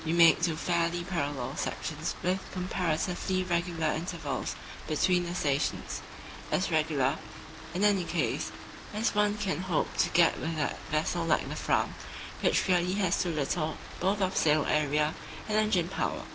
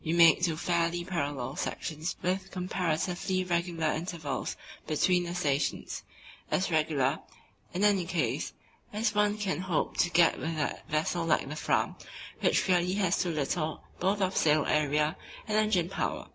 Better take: second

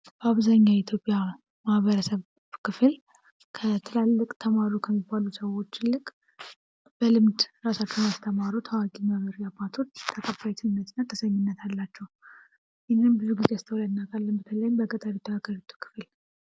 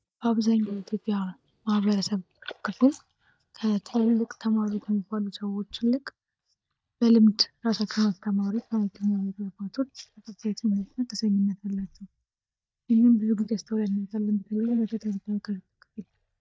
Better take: first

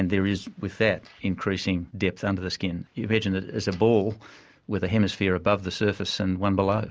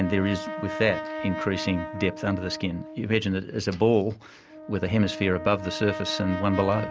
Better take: first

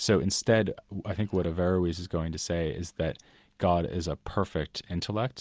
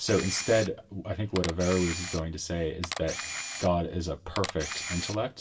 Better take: first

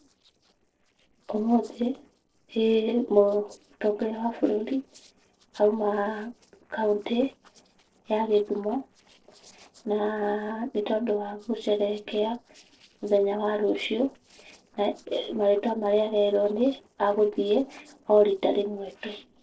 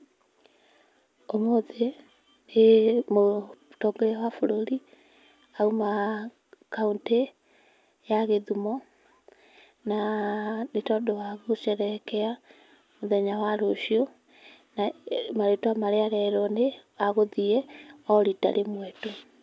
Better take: second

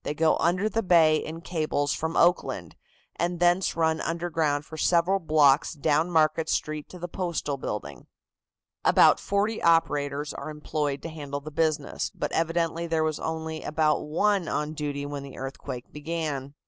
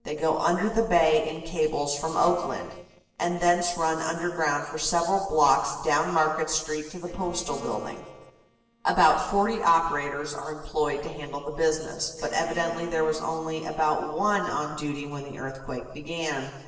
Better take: first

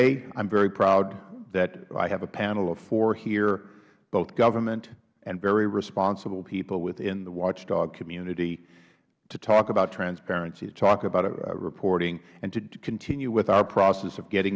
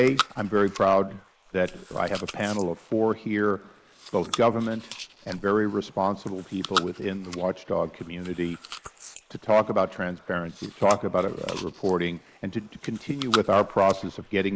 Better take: first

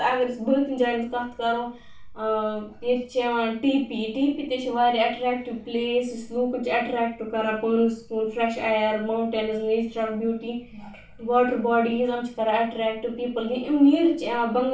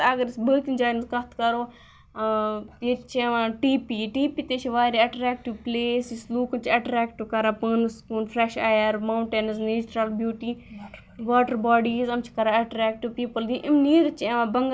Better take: second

